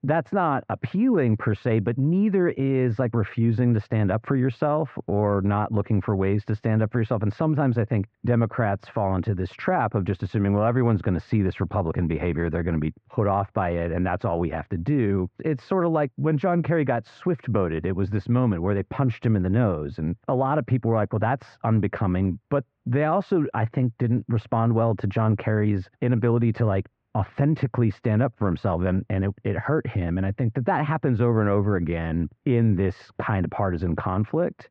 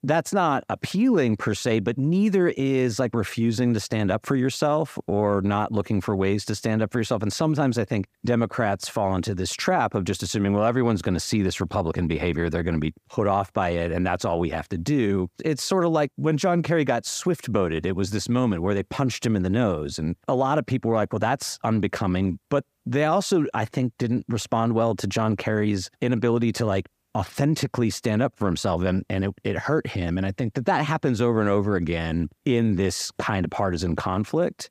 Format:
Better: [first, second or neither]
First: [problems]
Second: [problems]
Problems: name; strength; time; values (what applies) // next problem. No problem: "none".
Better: second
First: muffled; very; fading above 2 kHz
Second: none